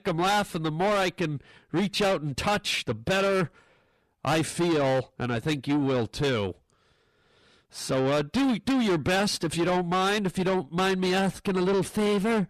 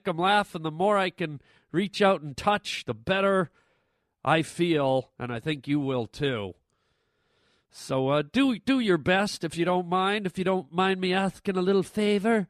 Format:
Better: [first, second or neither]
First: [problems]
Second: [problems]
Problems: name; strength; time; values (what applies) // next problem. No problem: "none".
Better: second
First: distortion; heavy; 6 dB below the speech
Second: none